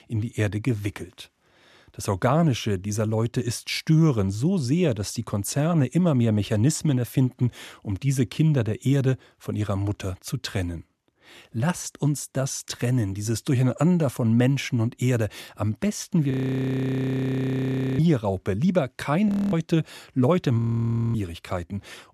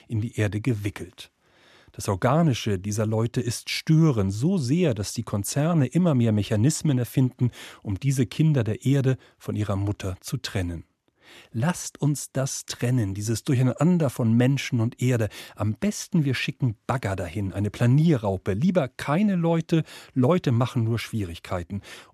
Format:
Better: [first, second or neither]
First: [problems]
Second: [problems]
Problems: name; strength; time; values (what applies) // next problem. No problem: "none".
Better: second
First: audio freezing; at 16 s for 1.5 s, at 19 s and at 21 s for 0.5 s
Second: none